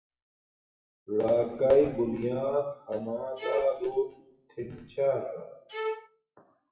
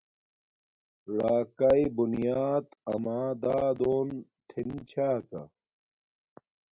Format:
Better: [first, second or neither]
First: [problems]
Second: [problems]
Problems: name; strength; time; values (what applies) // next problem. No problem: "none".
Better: second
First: noise reduction (classical method WPE with log-MMSE)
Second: none